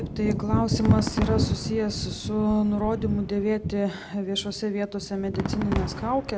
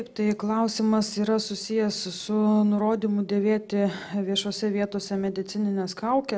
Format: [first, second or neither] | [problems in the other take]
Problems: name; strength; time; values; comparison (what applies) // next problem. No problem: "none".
second | background sound (Fireworks + Thunder / Wind); 2 dB below the speech